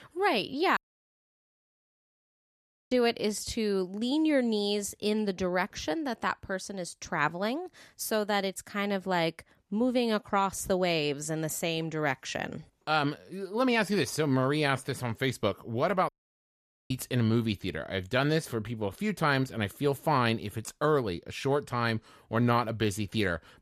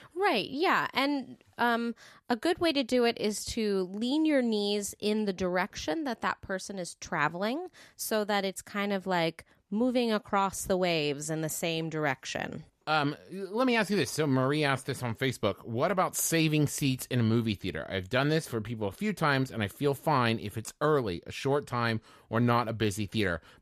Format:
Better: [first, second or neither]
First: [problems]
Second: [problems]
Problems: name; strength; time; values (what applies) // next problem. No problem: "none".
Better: second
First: audio cutting out; at 1 s for 2 s and at 16 s for 1 s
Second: none